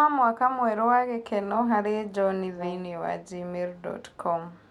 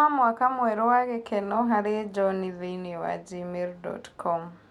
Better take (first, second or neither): second